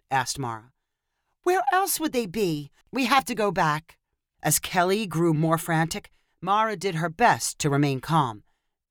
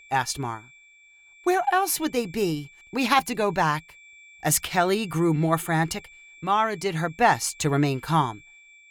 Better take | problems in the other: first | high-pitched whine; faint; throughout; 2.5 kHz, 25 dB below the speech

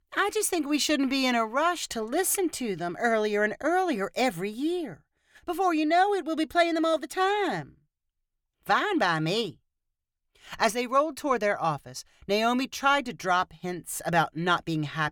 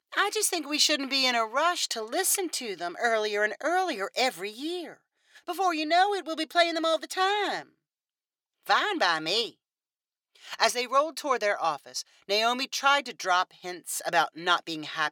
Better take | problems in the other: first | thin; somewhat; fading below 400 Hz

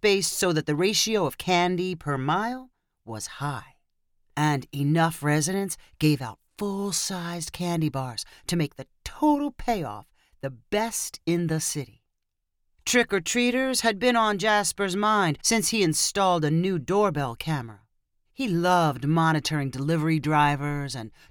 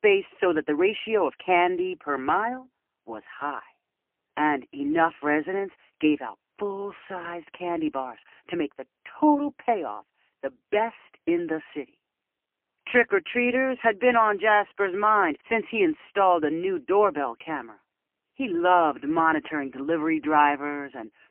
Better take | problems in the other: first | phone-call audio; poor line; nothing above 3 kHz

